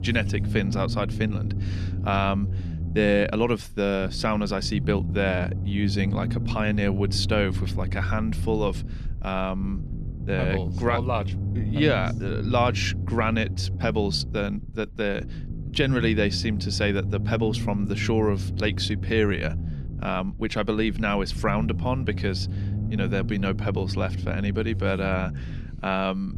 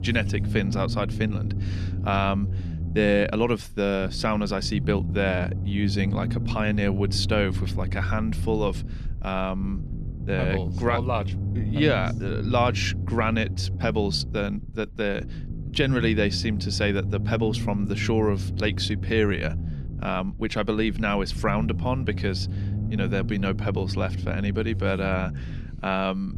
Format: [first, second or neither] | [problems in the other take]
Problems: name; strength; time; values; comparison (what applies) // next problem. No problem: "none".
neither | low rumble; noticeable; throughout; 15 dB below the speech; the same in both